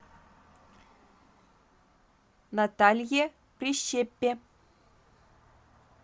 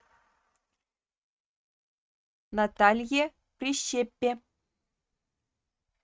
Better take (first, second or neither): first